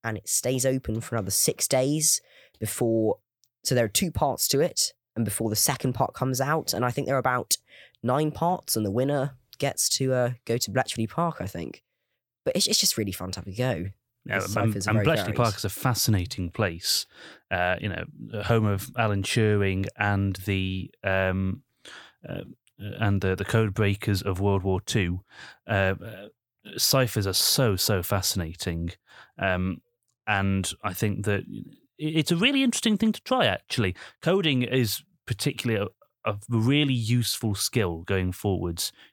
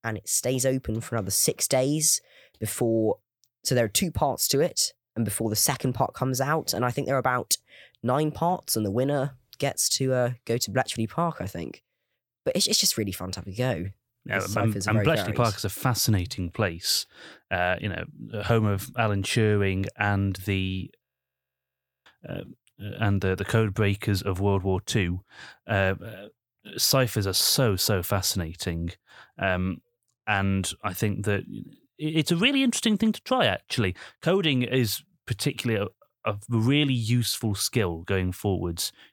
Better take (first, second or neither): first